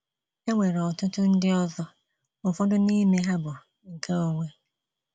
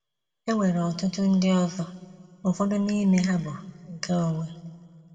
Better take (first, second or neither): first